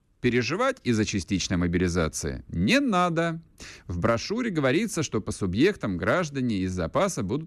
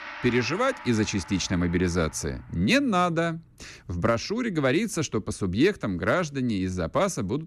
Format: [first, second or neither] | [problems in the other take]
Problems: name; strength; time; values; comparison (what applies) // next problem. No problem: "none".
first | background music; noticeable; until 3 s; 15 dB below the speech